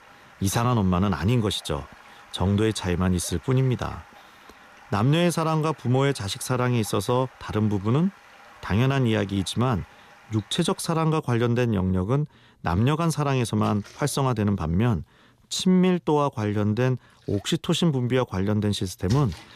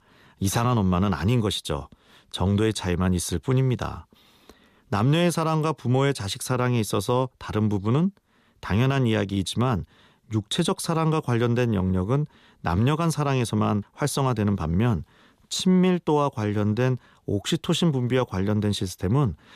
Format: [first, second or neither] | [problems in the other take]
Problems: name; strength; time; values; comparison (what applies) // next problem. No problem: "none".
second | rain or running water; faint; throughout; 25 dB below the speech